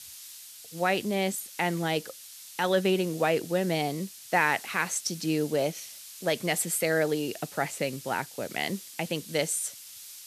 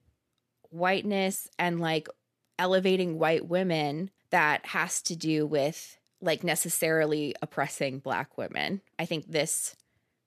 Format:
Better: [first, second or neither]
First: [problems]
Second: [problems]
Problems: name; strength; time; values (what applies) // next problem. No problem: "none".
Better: second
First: hiss; noticeable; throughout; 15 dB below the speech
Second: none